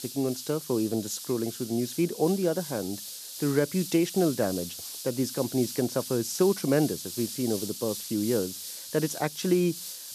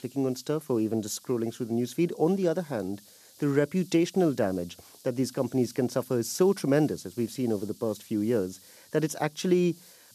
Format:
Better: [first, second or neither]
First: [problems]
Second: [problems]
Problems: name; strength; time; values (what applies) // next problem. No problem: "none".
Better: second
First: hiss; loud; throughout; 8 dB below the speech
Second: hiss; faint; throughout; 25 dB below the speech